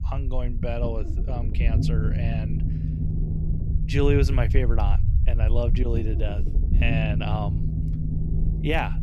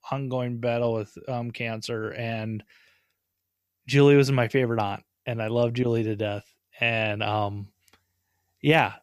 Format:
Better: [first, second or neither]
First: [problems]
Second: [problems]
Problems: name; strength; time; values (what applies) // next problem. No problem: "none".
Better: second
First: low rumble; loud; throughout; 8 dB below the speech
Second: none